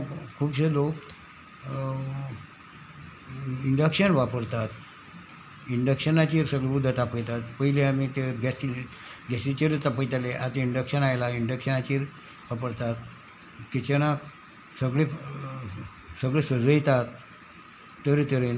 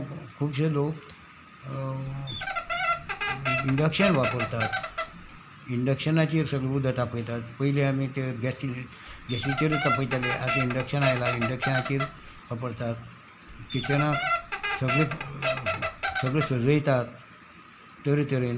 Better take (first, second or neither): first